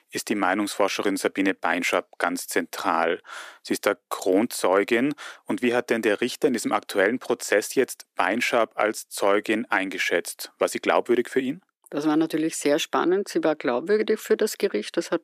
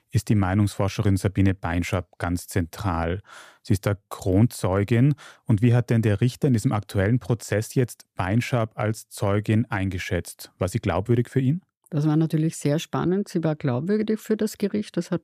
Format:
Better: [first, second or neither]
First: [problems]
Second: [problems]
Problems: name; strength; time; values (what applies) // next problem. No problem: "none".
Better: second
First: thin; somewhat; fading below 300 Hz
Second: none